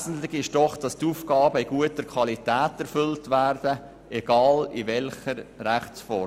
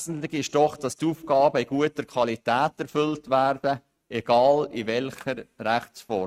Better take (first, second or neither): first